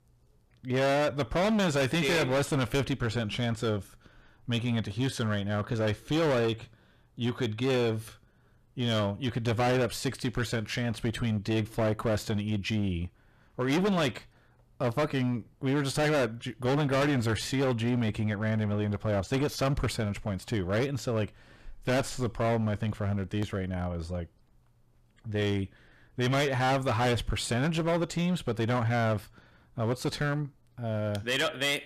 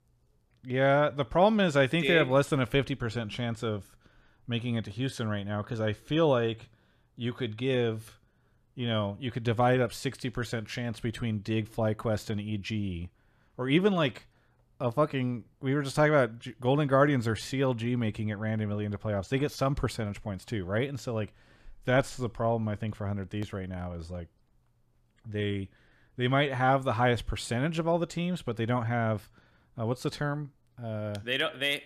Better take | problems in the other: second | distortion; heavy; 14% of the sound clipped

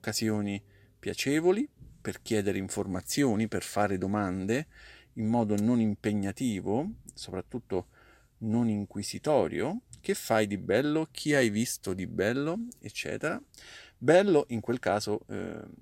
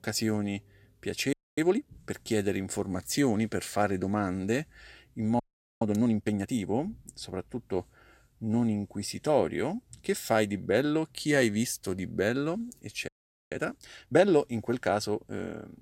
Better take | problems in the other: first | audio freezing; at 1.5 s, at 5.5 s and at 13 s

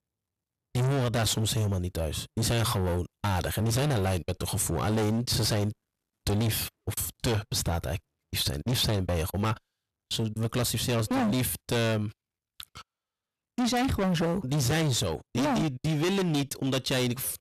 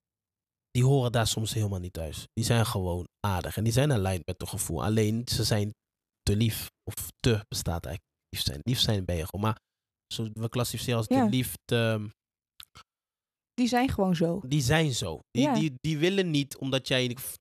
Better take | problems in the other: second | distortion; heavy; 23% of the sound clipped

